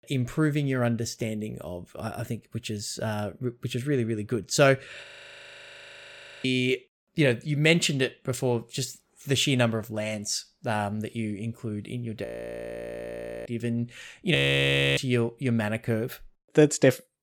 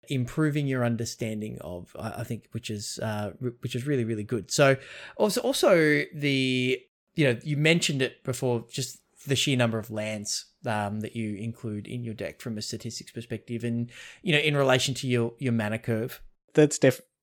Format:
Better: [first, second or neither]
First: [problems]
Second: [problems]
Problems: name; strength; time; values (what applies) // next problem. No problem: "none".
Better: second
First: audio freezing; at 5 s for 1.5 s, at 12 s for 1 s and at 14 s for 0.5 s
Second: none